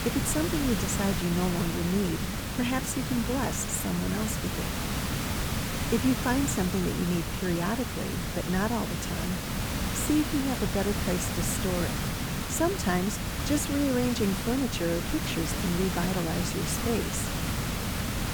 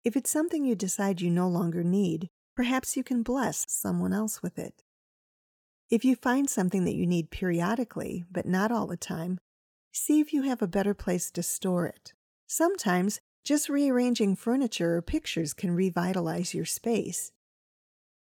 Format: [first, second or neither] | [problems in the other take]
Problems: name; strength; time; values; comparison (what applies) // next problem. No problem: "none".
second | hiss; loud; throughout; 1 dB below the speech